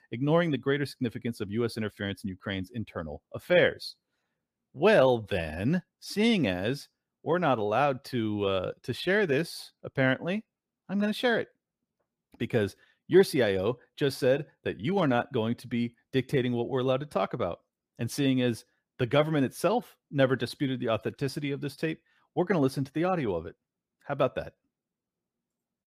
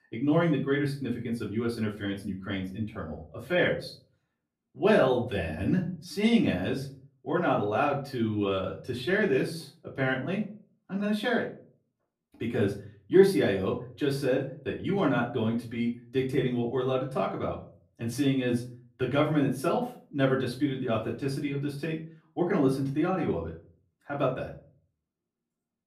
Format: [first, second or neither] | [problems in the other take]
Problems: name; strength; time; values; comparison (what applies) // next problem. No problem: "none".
first | off-mic speech; far // room echo; slight; dies away in 0.4 s